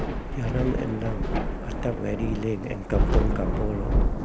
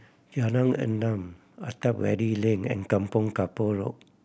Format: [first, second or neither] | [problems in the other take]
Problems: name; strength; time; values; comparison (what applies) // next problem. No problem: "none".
second | background sound (Thunder / Rain); 5 dB above the speech